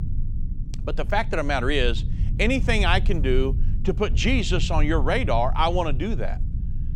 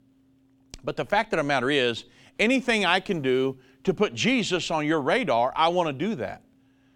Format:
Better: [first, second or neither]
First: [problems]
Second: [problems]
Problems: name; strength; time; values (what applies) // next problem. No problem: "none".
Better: second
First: low rumble; noticeable; throughout; 20 dB below the speech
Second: none